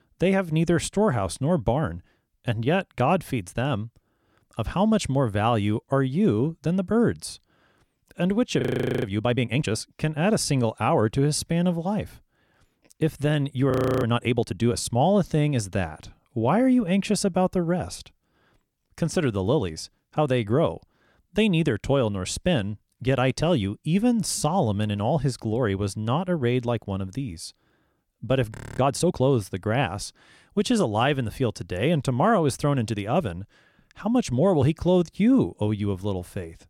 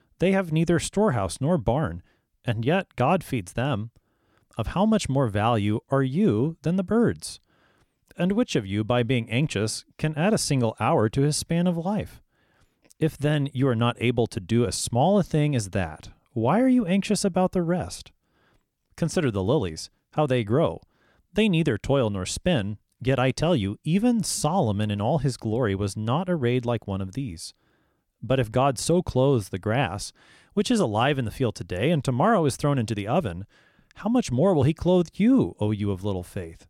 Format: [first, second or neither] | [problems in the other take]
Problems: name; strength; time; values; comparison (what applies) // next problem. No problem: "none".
second | audio freezing; at 8.5 s, at 14 s and at 29 s